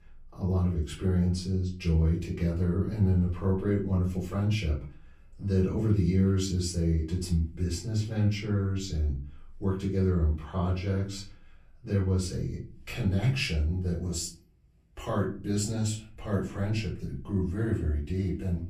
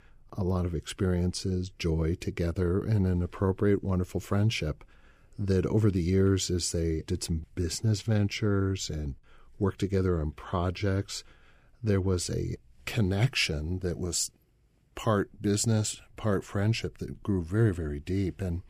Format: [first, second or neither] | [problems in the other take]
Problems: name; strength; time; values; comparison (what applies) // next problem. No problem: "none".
second | off-mic speech; far // room echo; slight; dies away in 0.4 s